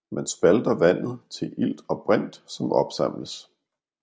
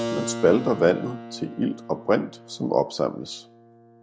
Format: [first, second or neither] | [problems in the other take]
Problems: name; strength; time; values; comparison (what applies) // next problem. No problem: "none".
first | background sound (Keyboard (musical)); 11 dB below the speech